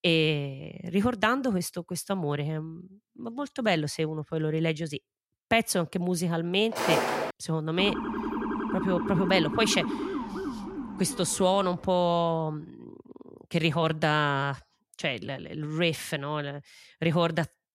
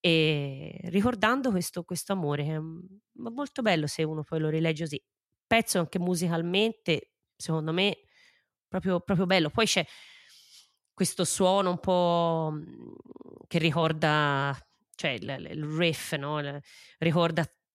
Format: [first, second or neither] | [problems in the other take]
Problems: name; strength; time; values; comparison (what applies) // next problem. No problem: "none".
second | footsteps; loud; at 6.5 s; peak 2 dB above the speech // siren; noticeable; from 8 to 12 s; peak 3 dB below the speech